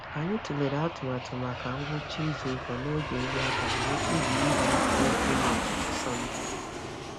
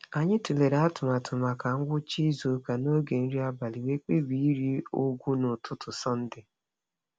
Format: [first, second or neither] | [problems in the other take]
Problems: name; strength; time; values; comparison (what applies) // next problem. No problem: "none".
second | background sound (Aircraft); 3 dB above the speech